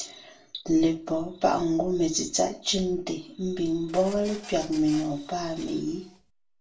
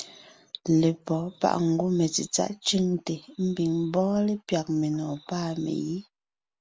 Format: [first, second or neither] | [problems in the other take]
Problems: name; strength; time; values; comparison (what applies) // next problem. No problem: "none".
second | background sound (Printer); 19 dB below the speech // room echo; dies away in 0.3 s